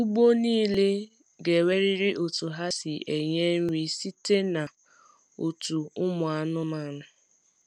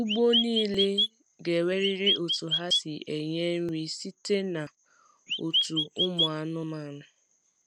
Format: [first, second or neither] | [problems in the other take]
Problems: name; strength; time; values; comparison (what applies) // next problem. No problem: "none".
first | background sound (Chirp, tweet); 2 dB above the speech